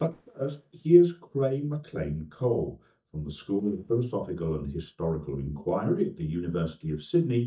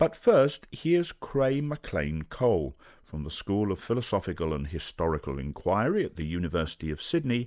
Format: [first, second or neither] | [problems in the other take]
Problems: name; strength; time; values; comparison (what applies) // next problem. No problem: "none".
second | noise reduction (neural mask model DeepFilterNet 3)